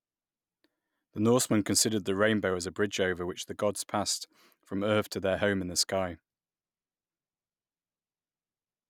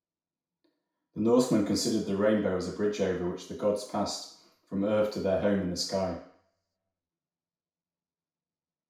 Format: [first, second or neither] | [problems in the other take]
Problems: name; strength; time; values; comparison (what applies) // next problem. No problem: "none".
first | room echo; dies away in 0.6 s